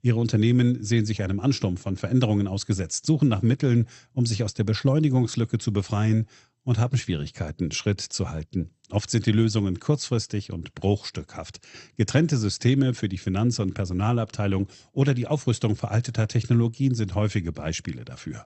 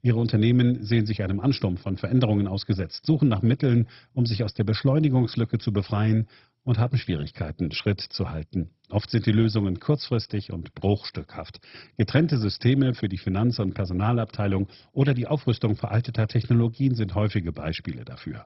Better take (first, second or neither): first